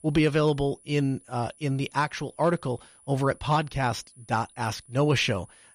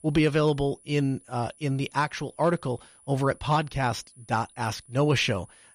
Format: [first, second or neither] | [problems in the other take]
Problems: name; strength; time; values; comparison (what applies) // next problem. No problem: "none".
neither | high-pitched whine; faint; throughout; 10 kHz, 25 dB below the speech; the same in both